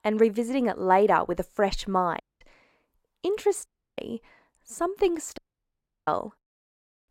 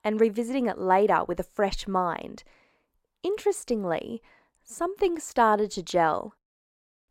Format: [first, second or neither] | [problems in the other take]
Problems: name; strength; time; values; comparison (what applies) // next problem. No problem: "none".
second | audio cutting out; at 2 s, at 3.5 s and at 5.5 s for 0.5 s